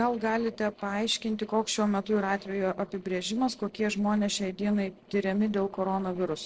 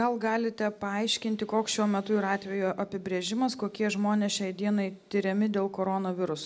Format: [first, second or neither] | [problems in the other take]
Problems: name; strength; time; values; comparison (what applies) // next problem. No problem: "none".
second | noise reduction (neural separator model SepFormer DNS4)